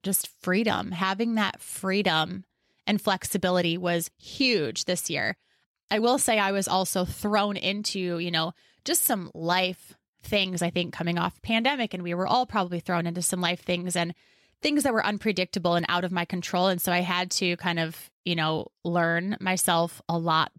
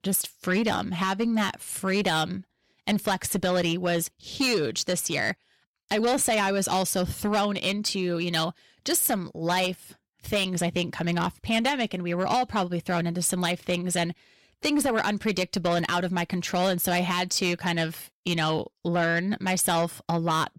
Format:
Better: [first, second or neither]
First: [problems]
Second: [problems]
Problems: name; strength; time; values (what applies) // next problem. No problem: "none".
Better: first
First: none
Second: distortion; slight; 10 dB below the speech